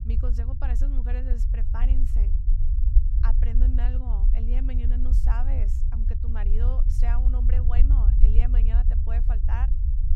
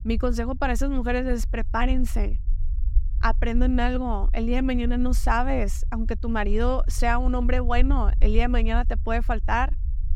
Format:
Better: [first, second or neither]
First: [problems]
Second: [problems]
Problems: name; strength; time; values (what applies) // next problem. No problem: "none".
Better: second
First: low rumble; loud; throughout; 3 dB below the speech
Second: low rumble; faint; throughout; 25 dB below the speech